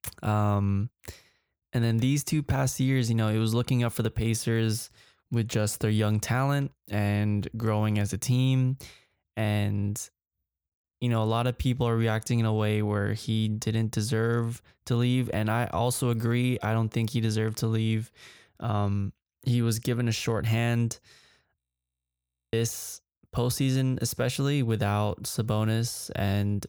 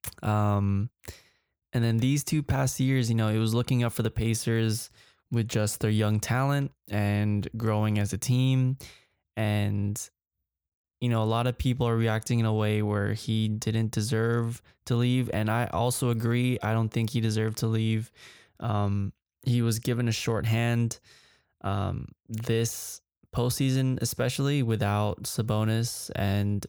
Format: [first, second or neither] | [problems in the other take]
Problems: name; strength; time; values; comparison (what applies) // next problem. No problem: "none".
second | audio freezing; at 22 s for 1 s